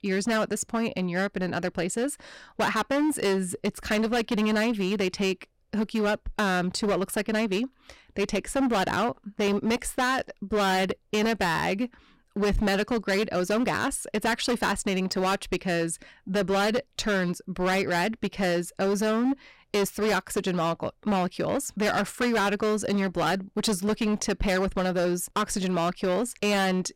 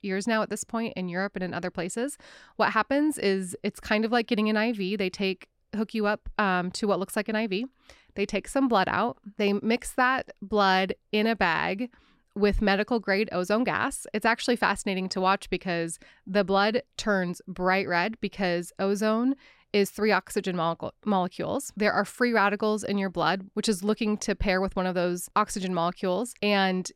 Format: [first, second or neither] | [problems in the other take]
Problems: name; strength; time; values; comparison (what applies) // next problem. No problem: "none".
second | distortion; heavy; 16% of the sound clipped